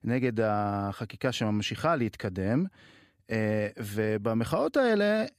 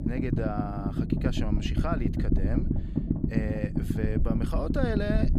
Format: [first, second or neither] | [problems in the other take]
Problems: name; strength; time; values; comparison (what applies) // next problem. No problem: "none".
first | low rumble; loud; throughout; 2 dB below the speech